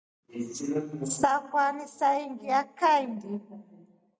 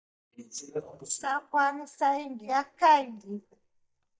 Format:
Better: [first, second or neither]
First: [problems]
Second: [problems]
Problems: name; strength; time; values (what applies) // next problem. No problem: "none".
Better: first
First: none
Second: noise reduction (neural mask model DeepFilterNet 3)